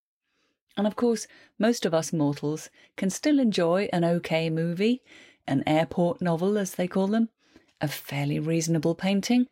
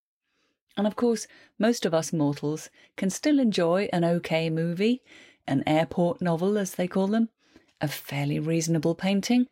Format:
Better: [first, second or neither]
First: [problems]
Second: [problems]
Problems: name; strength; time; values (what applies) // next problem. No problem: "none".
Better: neither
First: none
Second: none